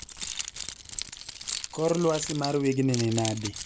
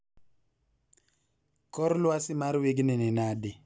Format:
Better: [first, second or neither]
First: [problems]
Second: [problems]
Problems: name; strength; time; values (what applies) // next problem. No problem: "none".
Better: second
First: background sound (Keys jangling); 8 dB below the speech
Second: none